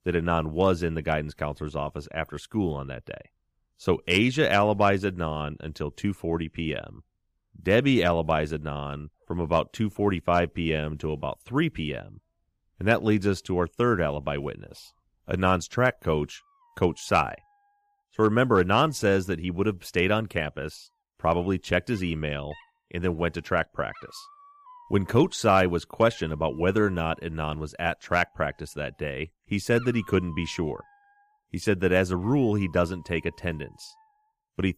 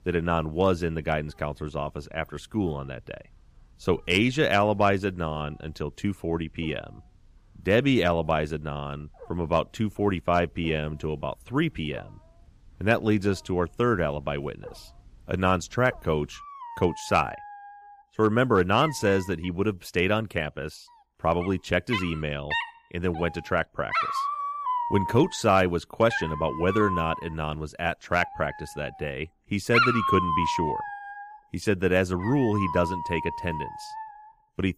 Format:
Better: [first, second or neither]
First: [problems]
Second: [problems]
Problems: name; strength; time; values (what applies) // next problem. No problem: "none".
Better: first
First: animal sounds; faint; throughout; 25 dB below the speech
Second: animal sounds; loud; throughout; 5 dB below the speech